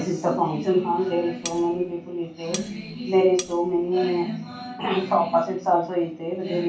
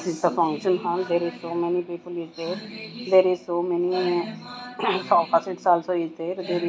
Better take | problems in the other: second | background sound (Cutlery, silverware); 14 dB below the speech // room echo; dies away in 0.2 s

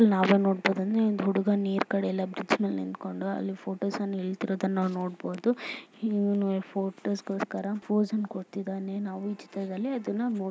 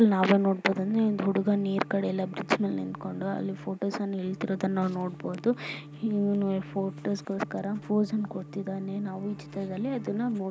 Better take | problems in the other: first | background sound (Organ); 16 dB below the speech

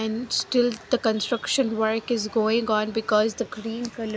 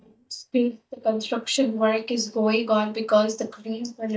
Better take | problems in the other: first | noise reduction (neural mask model DeepFilterNet 3)

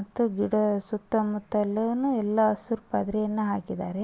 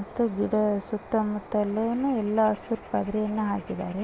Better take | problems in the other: first | background sound (Bird); 17 dB below the speech

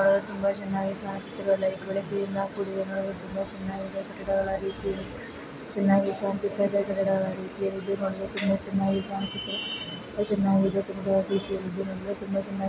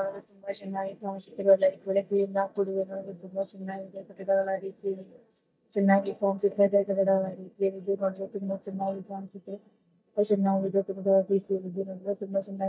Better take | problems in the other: first | noise reduction (neural mask model DeepFilterNet 3)

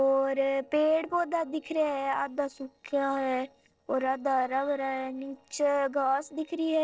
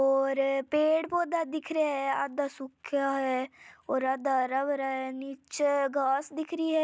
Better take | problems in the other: second | noise reduction (neural separator model SepFormer DNS4)

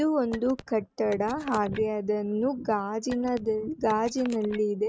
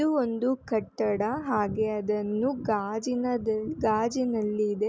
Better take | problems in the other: second | noise reduction (neural mask model RNNoise)

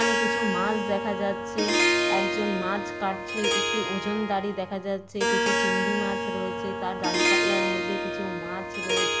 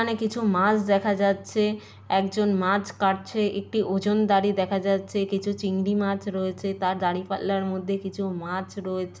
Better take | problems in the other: second | background sound (Harp); 4 dB above the speech

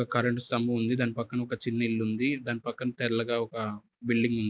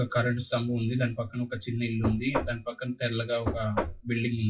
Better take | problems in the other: first | noise reduction (classical method WPE with log-MMSE)

